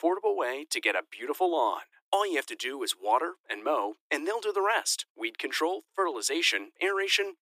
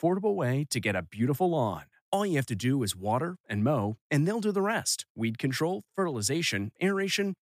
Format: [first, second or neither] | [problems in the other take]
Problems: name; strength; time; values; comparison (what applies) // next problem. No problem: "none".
second | thin; very; fading below 300 Hz